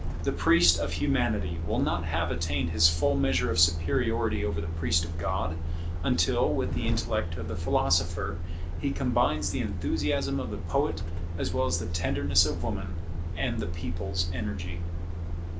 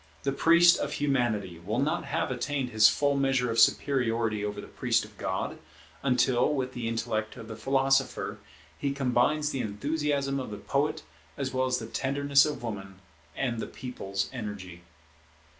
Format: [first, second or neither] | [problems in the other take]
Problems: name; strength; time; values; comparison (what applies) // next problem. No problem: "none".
second | background sound (Truck); 1 dB below the speech